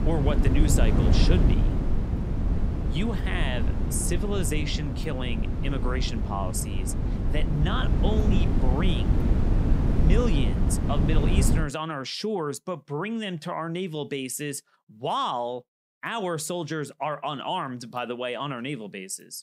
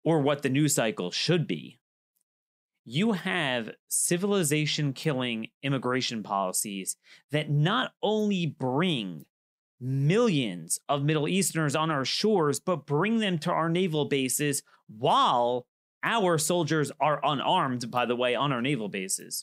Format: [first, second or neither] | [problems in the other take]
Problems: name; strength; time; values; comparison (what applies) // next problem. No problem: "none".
second | wind noise on the microphone; heavy; until 12 s; 4 dB below the speech